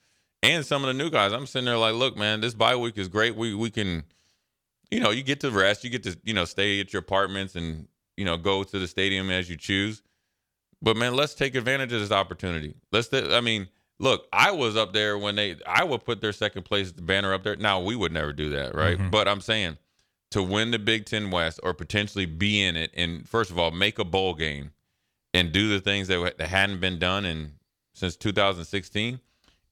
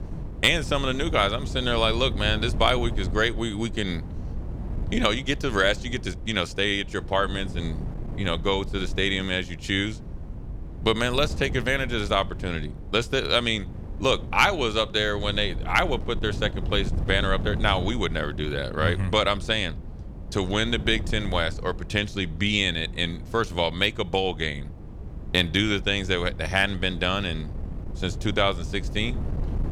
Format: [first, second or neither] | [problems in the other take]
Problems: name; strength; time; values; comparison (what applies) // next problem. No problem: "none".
first | wind noise on the microphone; occasional gusts; 20 dB below the speech